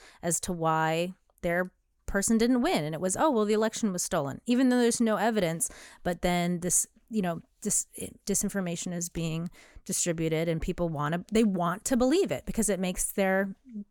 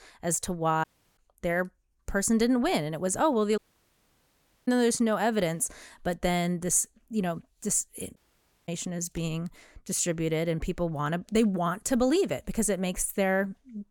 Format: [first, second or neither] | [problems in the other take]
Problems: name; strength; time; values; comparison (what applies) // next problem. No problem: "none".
first | audio cutting out; at 1 s, at 3.5 s for 1 s and at 8 s for 0.5 s